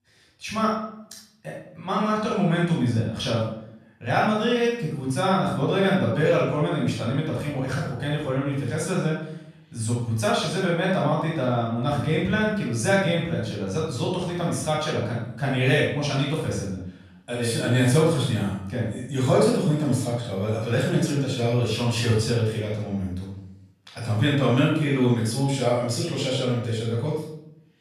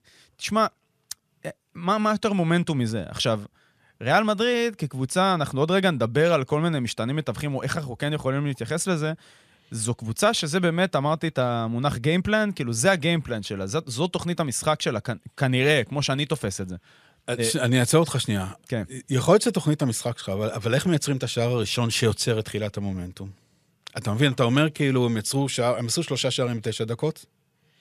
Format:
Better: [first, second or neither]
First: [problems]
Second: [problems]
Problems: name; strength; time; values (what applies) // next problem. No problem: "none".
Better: second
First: room echo; noticeable; dies away in 0.6 s // off-mic speech; far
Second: none